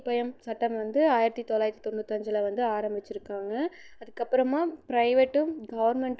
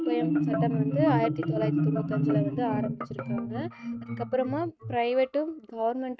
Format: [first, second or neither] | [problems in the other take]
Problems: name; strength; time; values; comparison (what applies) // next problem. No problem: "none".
first | noise reduction (neural mask model RNNoise)